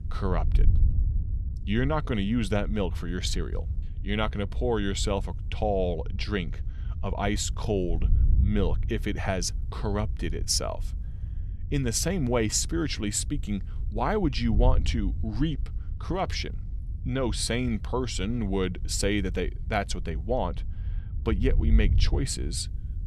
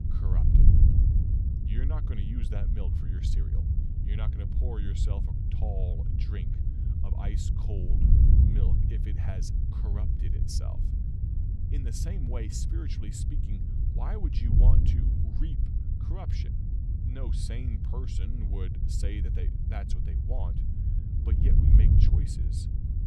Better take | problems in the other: first | wind noise on the microphone; heavy; 2 dB above the speech; occasional gusts in the first

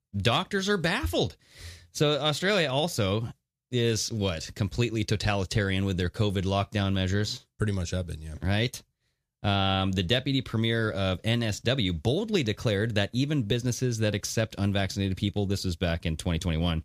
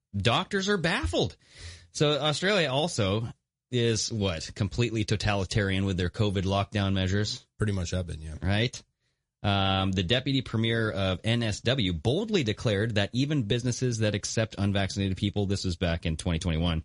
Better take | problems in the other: first | garbled, watery; slightly; nothing above 10.5 kHz

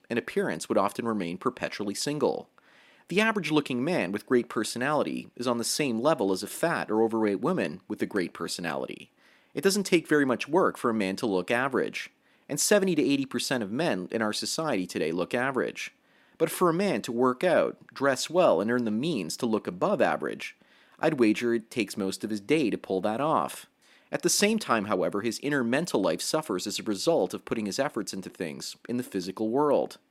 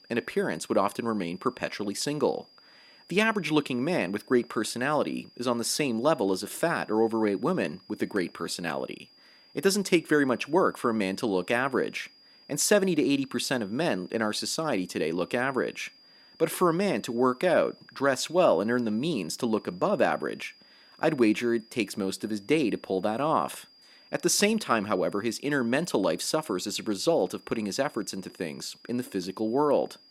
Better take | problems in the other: first | high-pitched whine; faint; throughout; 5 kHz, 25 dB below the speech

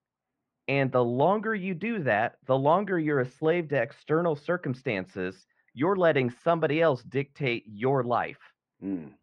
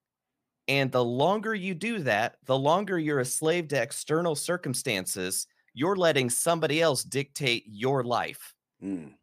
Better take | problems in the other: second | muffled; very; fading above 2.5 kHz

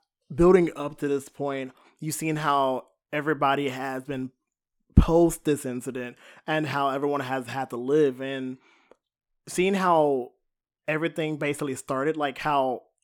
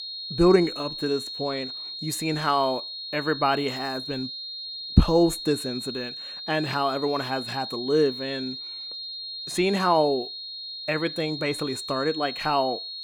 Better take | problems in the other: first | high-pitched whine; loud; throughout; 4 kHz, 7 dB below the speech

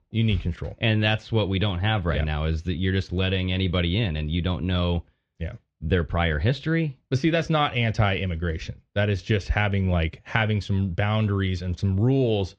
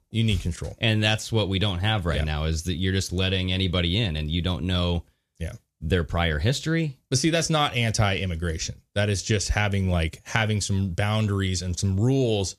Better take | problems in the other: second | muffled; slightly; fading above 3 kHz

